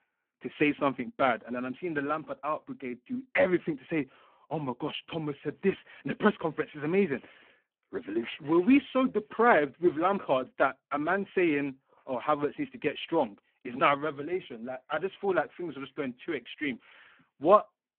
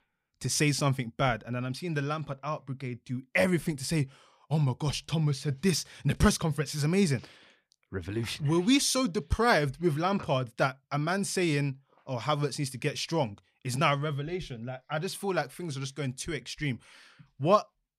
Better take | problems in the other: second | phone-call audio; poor line

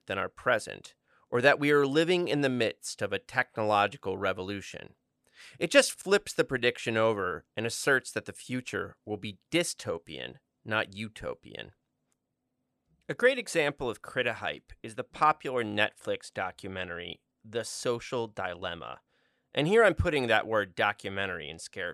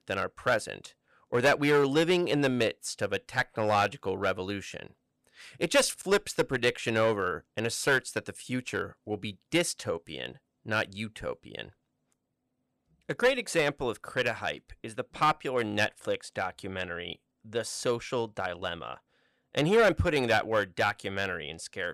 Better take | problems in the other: first | distortion; slight; 2% of the sound clipped

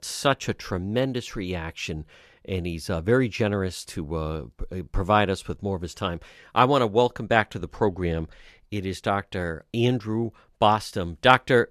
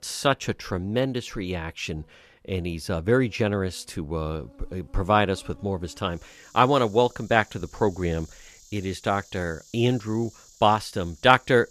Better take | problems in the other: first | animal sounds; faint; throughout; 25 dB below the speech

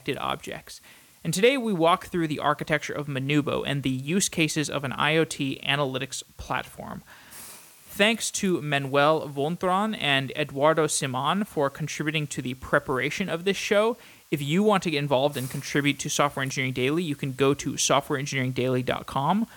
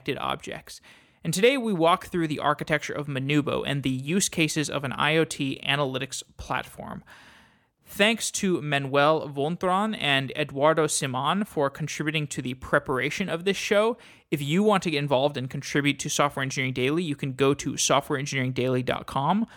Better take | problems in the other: second | hiss; faint; throughout; 25 dB below the speech

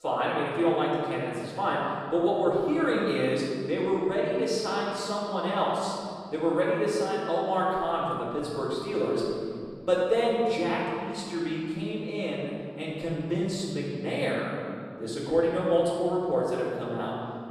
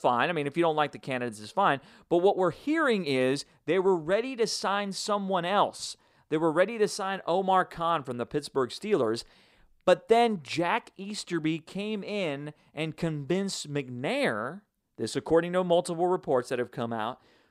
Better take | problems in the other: second | room echo; strong; dies away in 2.4 s // off-mic speech; far

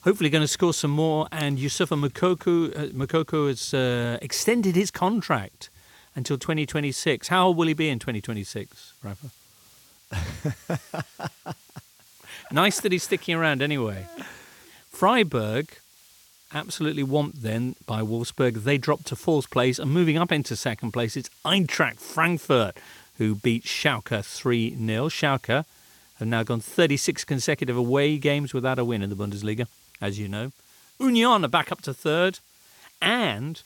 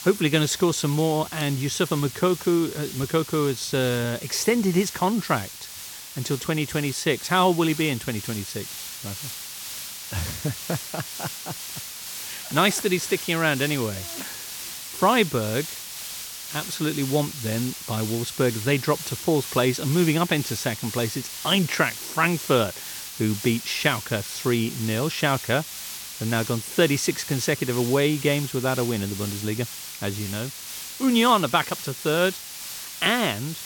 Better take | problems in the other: first | hiss; loud; throughout; 9 dB below the speech; faint in the first

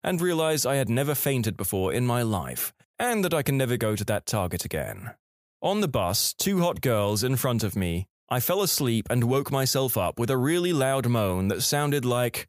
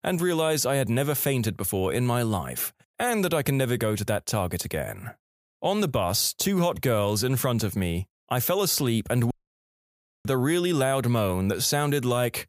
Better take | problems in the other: first | audio cutting out; at 9.5 s for 1 s

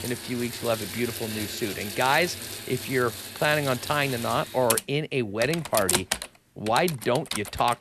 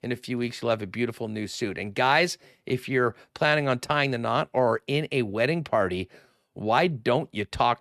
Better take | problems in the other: second | household noises; loud; throughout; 5 dB below the speech

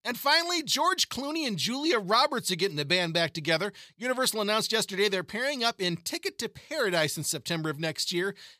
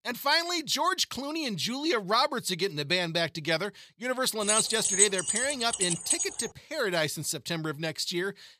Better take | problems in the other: first | jangling keys; loud; from 4.5 to 6.5 s; peak 6 dB above the speech

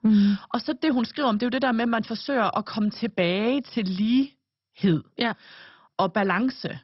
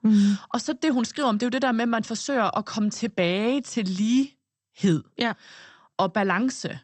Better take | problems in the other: second | garbled, watery; badly; nothing above 5.5 kHz; slightly in the second

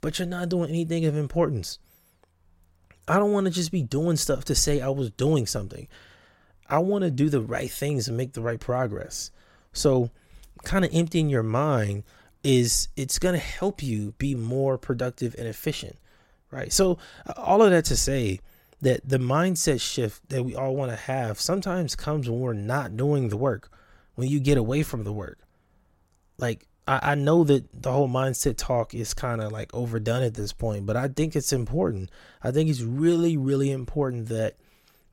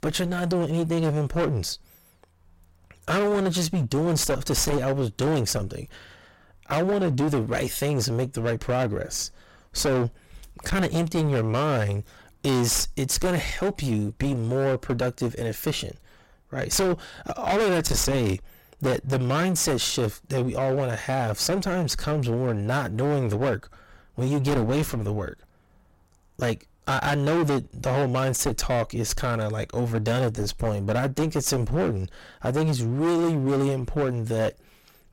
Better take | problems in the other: first | distortion; heavy; 21% of the sound clipped

